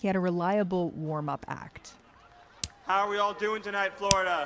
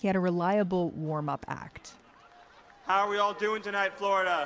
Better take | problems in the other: second | background sound (Hands); 11 dB below the speech

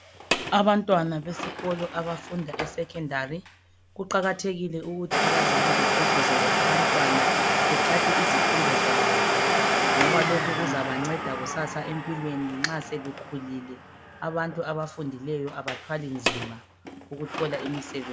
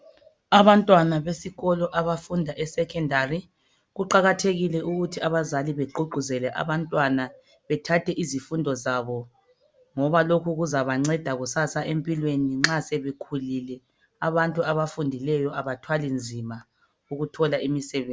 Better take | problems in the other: second | background sound (Domestic sounds, home sounds); 3 dB above the speech

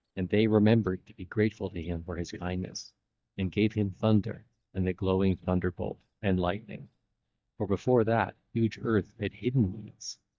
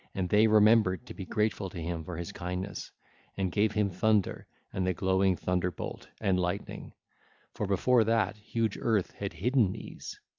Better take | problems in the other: second | noise reduction (neural mask model DeepFilterNet 3)

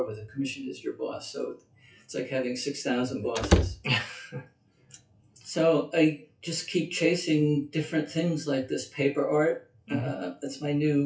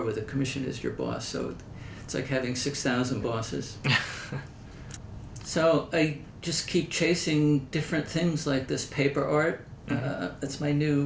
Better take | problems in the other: second | noise reduction (classical method WPE with log-MMSE)

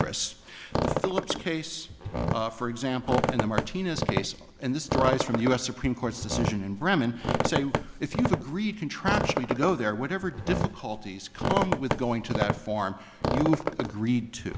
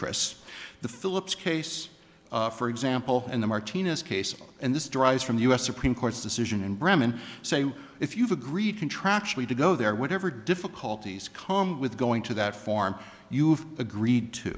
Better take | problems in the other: second | background sound (Squeak); 2 dB below the speech

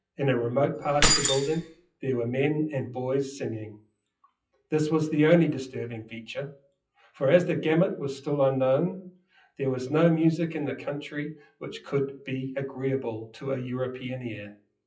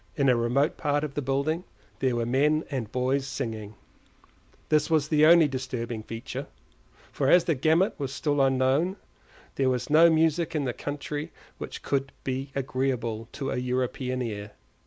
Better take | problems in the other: second | noise reduction (classical method WPE with log-MMSE)

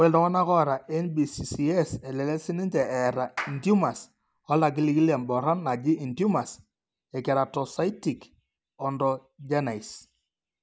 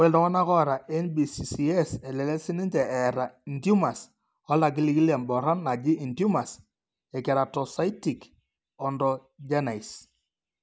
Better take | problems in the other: second | background sound (Clapping); 15 dB below the speech

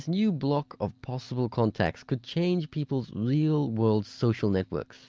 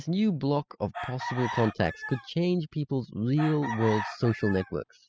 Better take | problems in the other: first | noise reduction (classical method spectral subtraction)

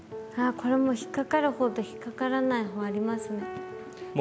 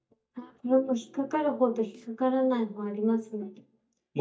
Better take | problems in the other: first | noise reduction (neural mask model DeepFilterNet 3)

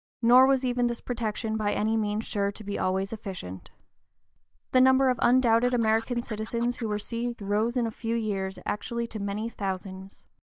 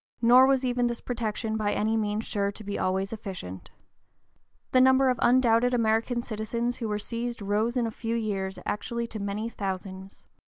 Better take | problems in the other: second | noise reduction (neural mask model DeepFilterNet 3)

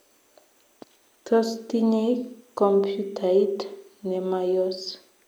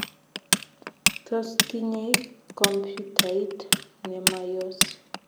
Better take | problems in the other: first | background sound (Tools); 4 dB above the speech

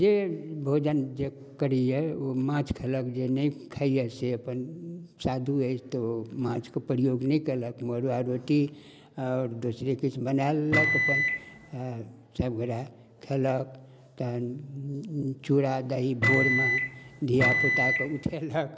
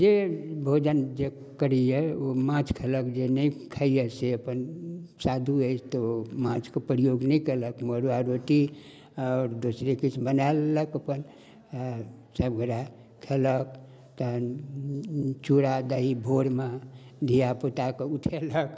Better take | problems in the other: second | background sound (Microwave oven); 2 dB above the speech

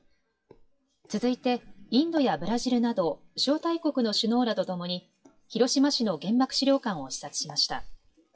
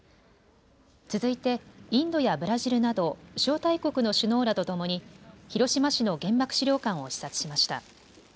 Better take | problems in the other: second | noise reduction (classical method WPE with log-MMSE)

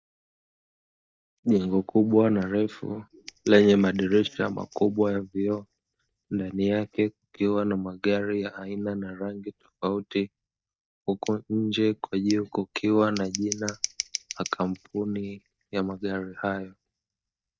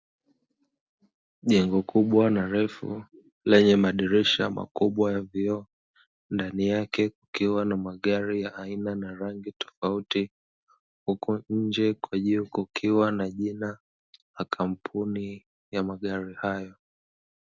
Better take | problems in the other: second | noise reduction (neural mask model DeepFilterNet 3)

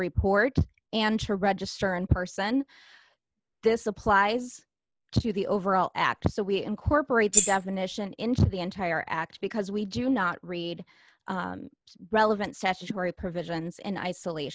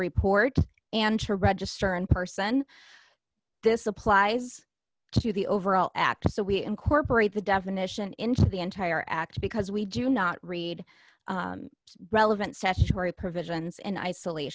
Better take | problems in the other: second | noise reduction (neural mask model Resemble Enhance denoiser)

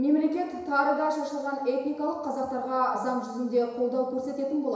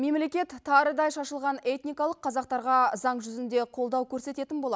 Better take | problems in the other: second | room echo; dies away in 1 s

